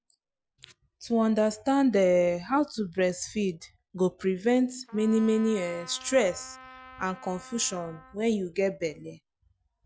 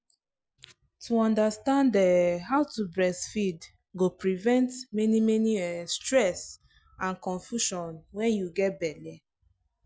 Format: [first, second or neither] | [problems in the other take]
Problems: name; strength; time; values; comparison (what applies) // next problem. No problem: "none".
second | background sound (Trumpet); 20 dB below the speech